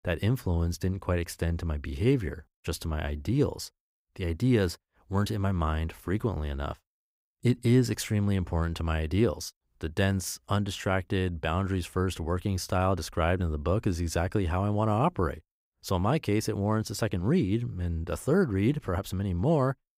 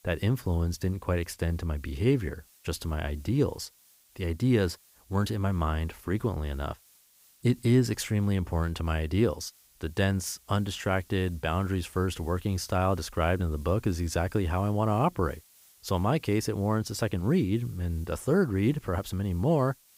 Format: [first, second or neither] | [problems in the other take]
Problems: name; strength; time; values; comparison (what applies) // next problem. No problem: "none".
first | hiss; faint; throughout; 30 dB below the speech